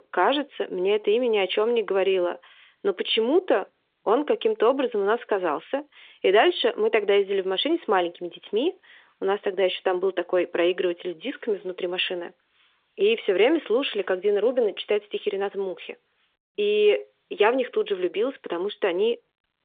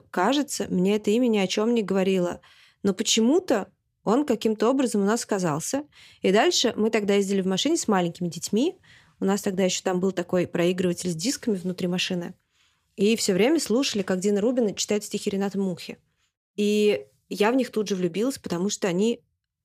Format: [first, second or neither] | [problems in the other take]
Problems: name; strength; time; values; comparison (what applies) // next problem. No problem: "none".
second | phone-call audio; nothing above 3.5 kHz